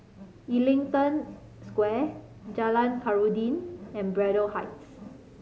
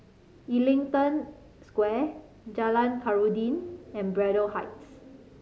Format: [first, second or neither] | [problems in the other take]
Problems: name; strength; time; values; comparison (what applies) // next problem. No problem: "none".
second | background sound (Wild animals); 20 dB below the speech